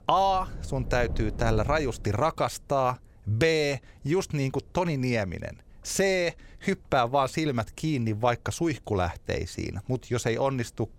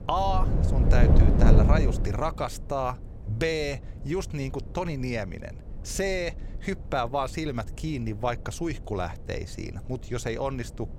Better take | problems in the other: first | wind noise on the microphone; heavy; 2 dB below the speech; occasional gusts in the first

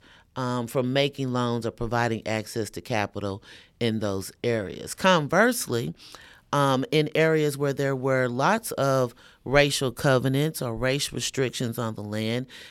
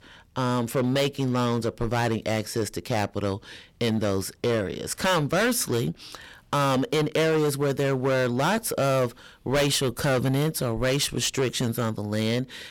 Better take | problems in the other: first | distortion; heavy; 14% of the sound clipped

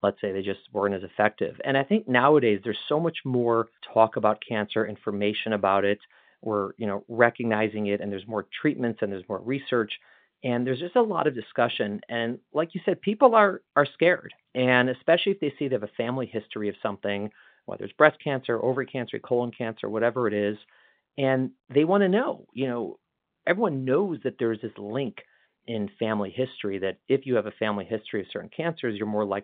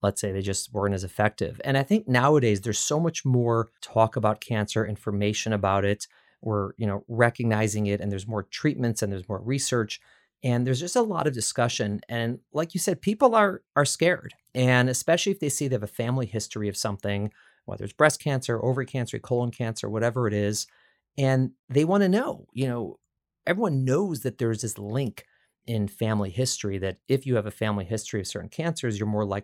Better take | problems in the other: second | phone-call audio; nothing above 3.5 kHz

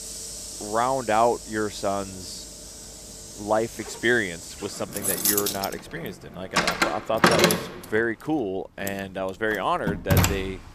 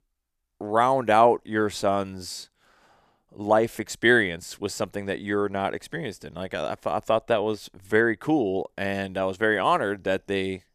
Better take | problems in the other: second | household noises; very loud; throughout; 1 dB above the speech

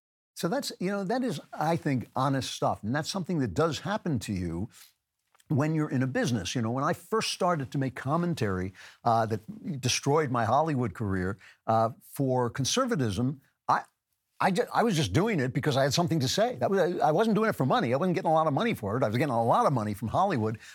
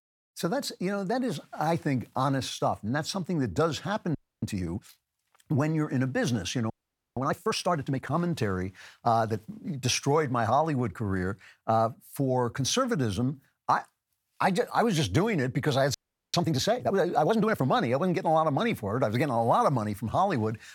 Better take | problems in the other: first | audio freezing; at 4 s, at 6.5 s and at 16 s

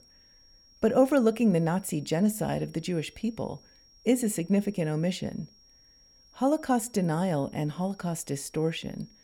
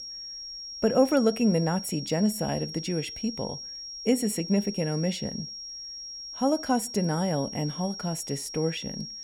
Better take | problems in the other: first | high-pitched whine; loud; throughout; 5.5 kHz, 9 dB below the speech; faint in the first

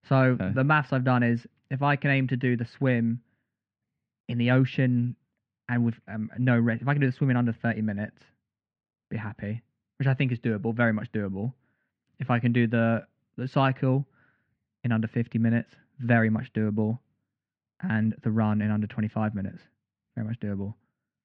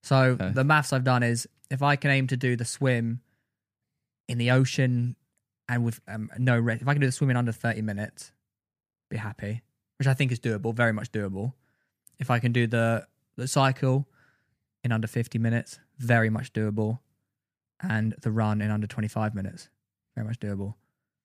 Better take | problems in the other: second | muffled; very; fading above 3 kHz

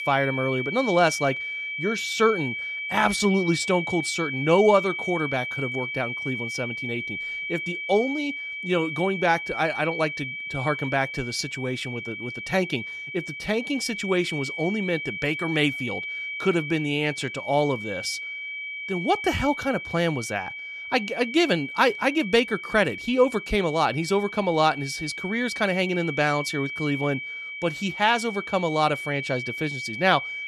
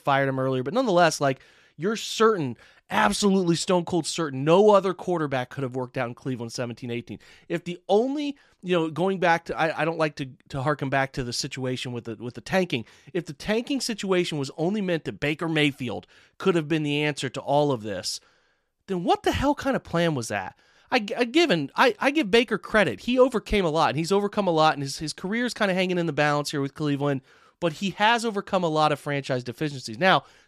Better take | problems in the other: second | high-pitched whine; loud; throughout; 2.5 kHz, 6 dB below the speech

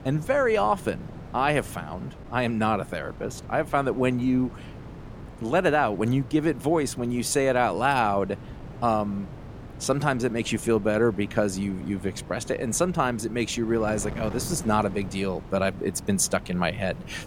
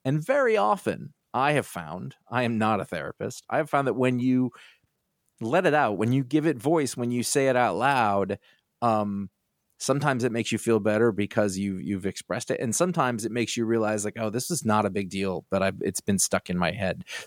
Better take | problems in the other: second | wind noise on the microphone; occasional gusts; 20 dB below the speech

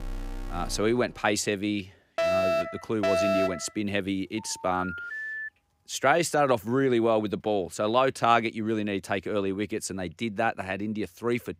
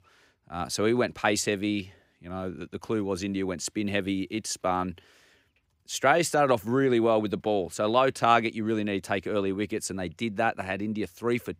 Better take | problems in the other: second | alarm; faint; until 1 s; peak 10 dB below the speech // alarm; loud; from 2 to 3.5 s; peak 3 dB above the speech // phone ringing; noticeable; from 4.5 to 5.5 s; peak 6 dB below the speech

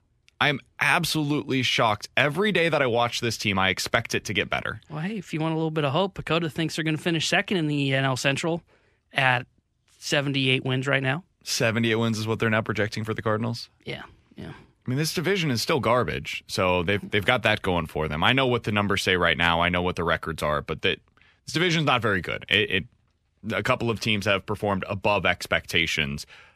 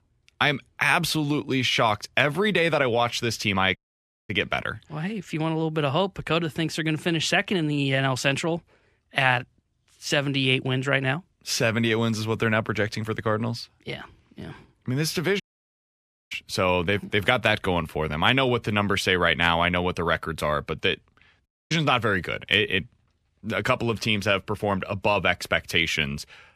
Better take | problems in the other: first | audio cutting out; at 4 s for 0.5 s, at 15 s for 1 s and at 21 s

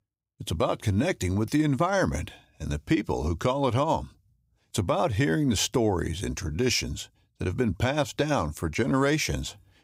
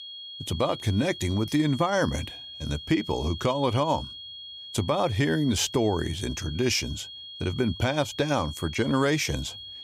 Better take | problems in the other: first | high-pitched whine; noticeable; throughout; 3.5 kHz, 10 dB below the speech

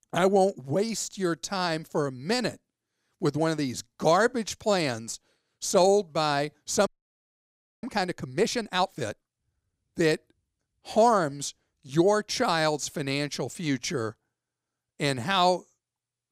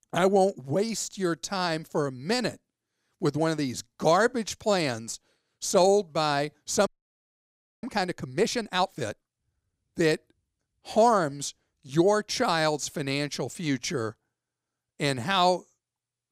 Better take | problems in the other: neither | audio freezing; at 7 s for 1 s; the same in both

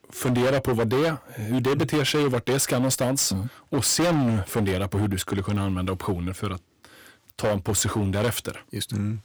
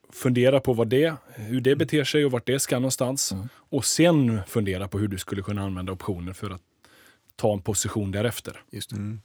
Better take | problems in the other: second | distortion; heavy; 17% of the sound clipped

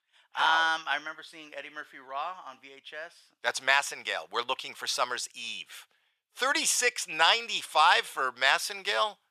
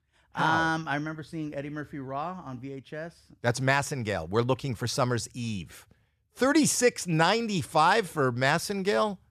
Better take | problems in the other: second | thin; very; fading below 900 Hz

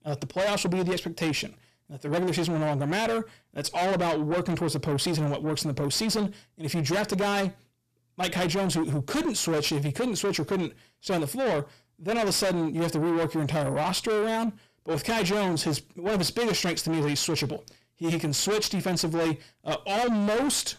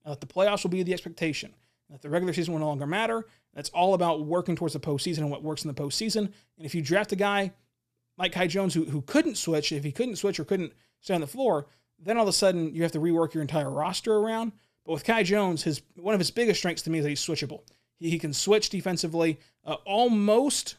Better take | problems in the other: second | distortion; heavy; 6 dB below the speech

